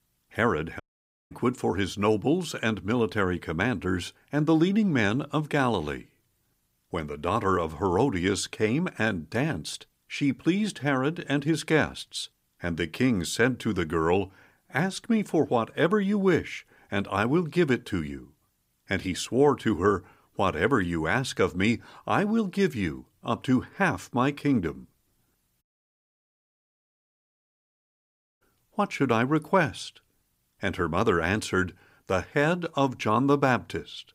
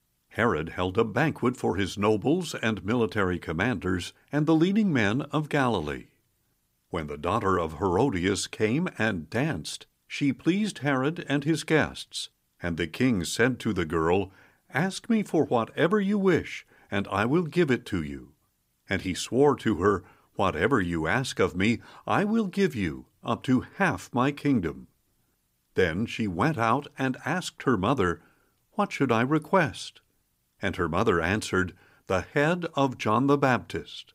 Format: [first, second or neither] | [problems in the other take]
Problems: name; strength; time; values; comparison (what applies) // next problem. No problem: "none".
second | audio cutting out; at 1 s for 0.5 s and at 26 s for 3 s